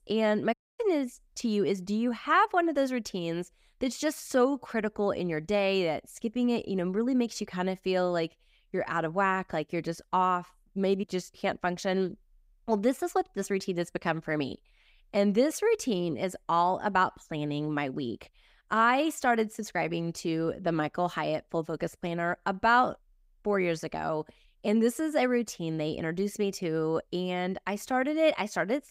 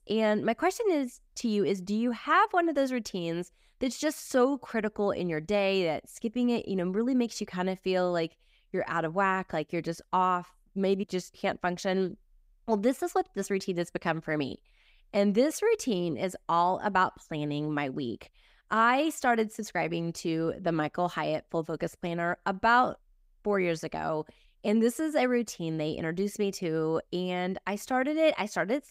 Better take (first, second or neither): second